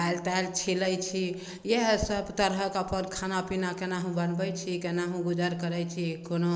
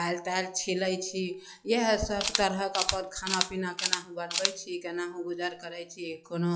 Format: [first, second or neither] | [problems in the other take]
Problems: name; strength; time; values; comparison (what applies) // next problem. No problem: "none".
first | noise reduction (classical method log-MMSE)